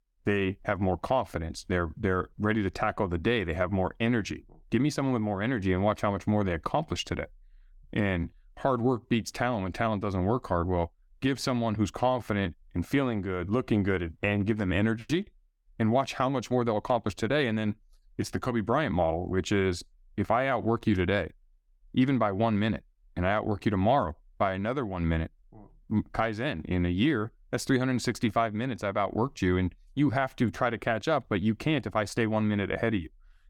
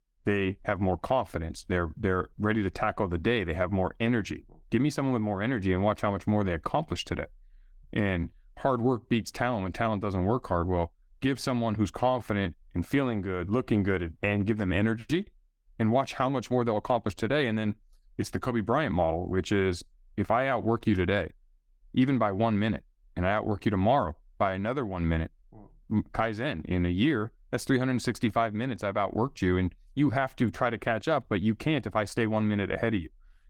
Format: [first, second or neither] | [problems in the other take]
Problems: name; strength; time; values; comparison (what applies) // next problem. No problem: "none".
first | garbled, watery; slightly; nothing above 18 kHz